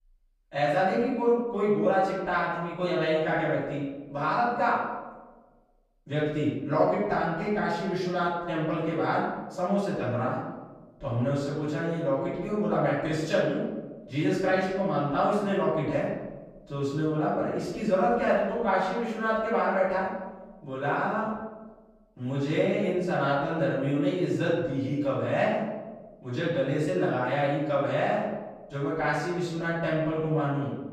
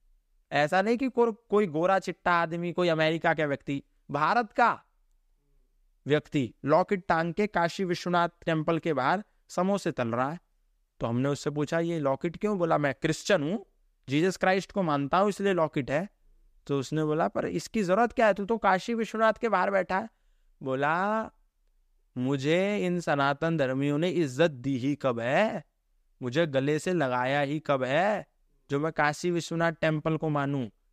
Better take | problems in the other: second | off-mic speech; far // room echo; noticeable; dies away in 1.1 s

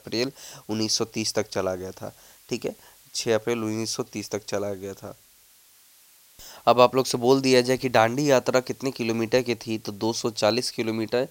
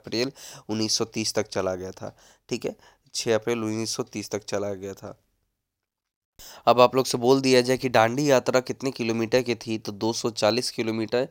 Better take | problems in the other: second | hiss; faint; throughout; 30 dB below the speech

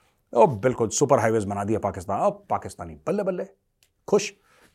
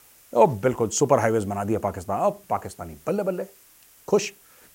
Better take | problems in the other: first | hiss; faint; throughout; 25 dB below the speech

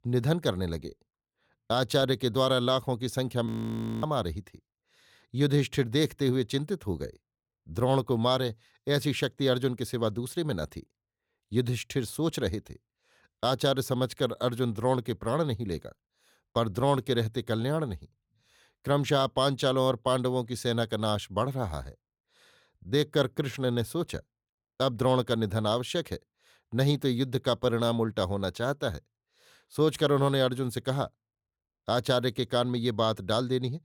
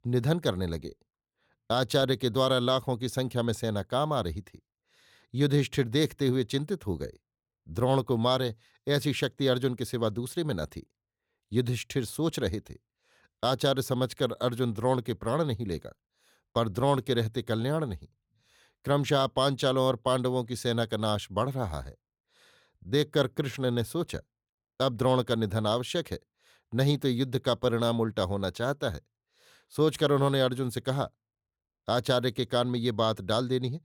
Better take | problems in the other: second | audio freezing; at 3.5 s for 0.5 s

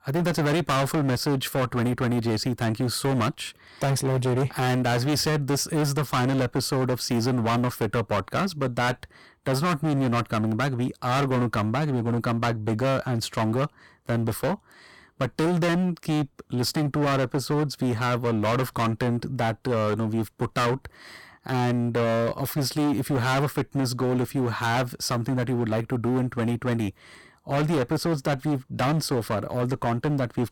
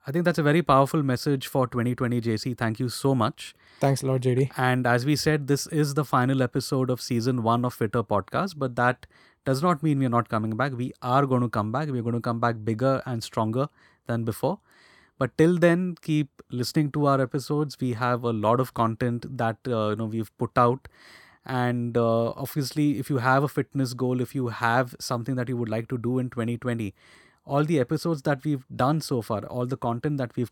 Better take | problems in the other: second | distortion; heavy; 23% of the sound clipped

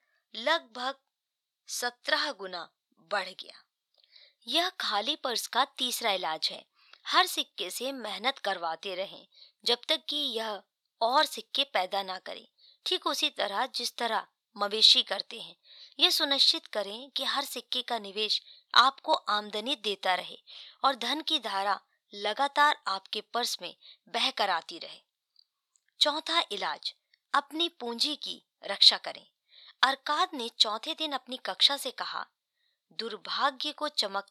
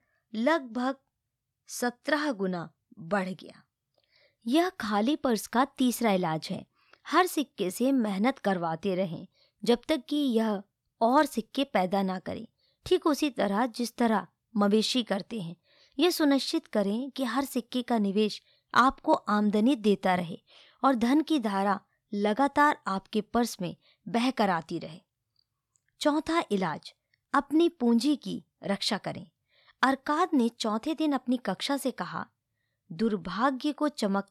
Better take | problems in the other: second | thin; very; fading below 650 Hz

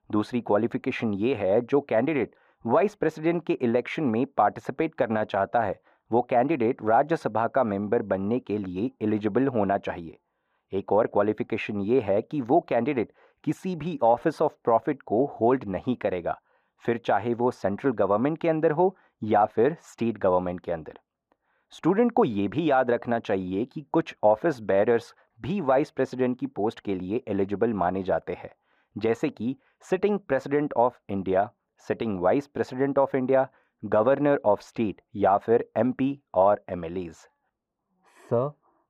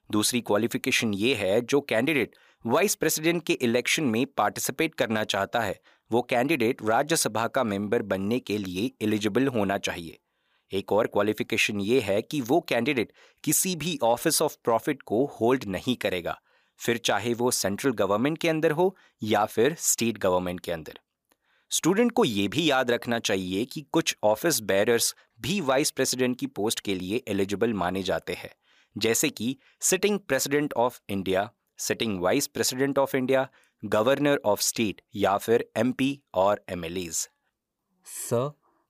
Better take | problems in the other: second | muffled; very; fading above 4 kHz

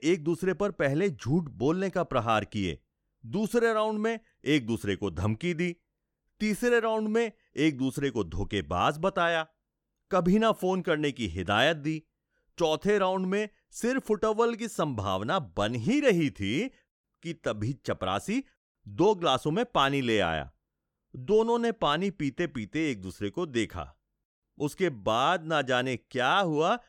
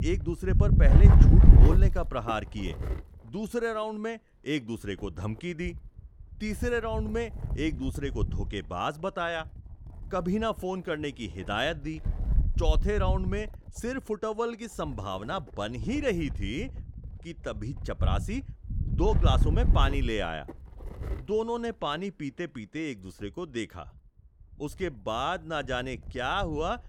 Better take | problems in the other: first | wind noise on the microphone; heavy; 8 dB below the speech

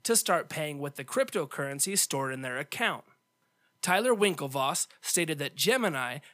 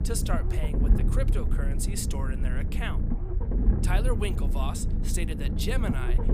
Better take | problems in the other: first | low rumble; loud; throughout; 4 dB below the speech

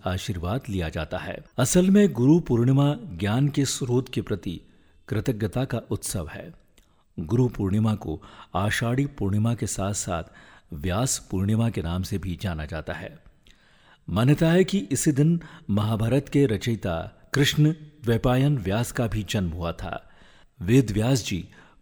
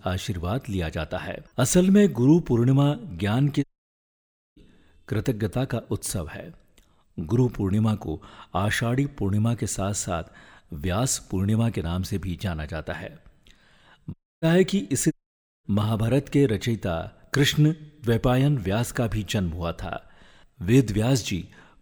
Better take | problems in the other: first | audio cutting out; at 3.5 s for 1 s, at 14 s and at 15 s for 0.5 s

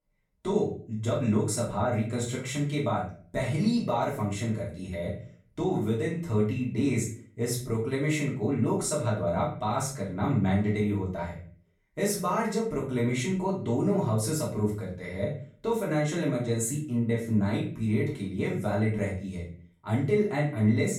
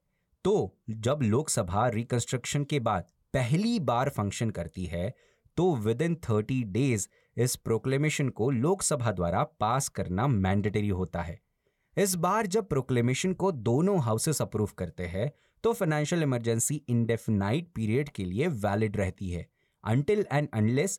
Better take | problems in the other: second | off-mic speech; far // room echo; slight; dies away in 0.4 s

